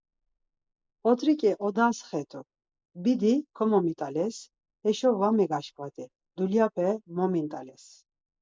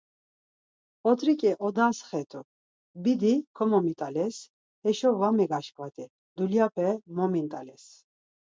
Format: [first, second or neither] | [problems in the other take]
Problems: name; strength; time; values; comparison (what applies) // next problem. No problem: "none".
second | noise reduction (neural mask model Resemble Enhance denoiser)